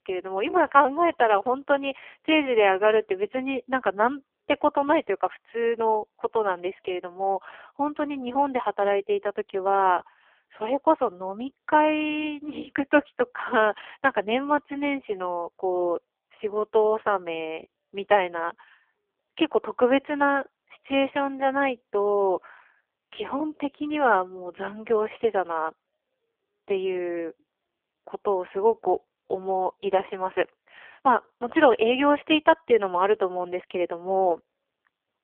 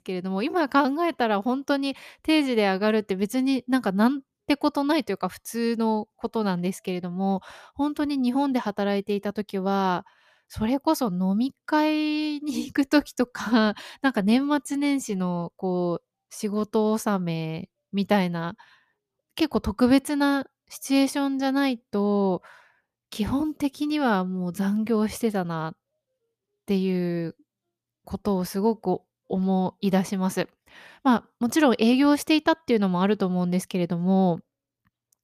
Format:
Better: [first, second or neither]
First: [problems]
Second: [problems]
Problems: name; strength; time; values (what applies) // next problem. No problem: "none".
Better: second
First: phone-call audio; poor line; nothing above 3 kHz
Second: none